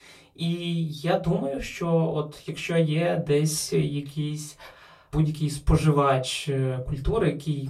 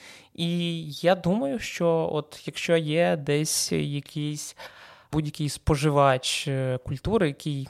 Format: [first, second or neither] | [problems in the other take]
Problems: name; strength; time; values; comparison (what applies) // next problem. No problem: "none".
second | off-mic speech; far // room echo; very slight; dies away in 0.2 s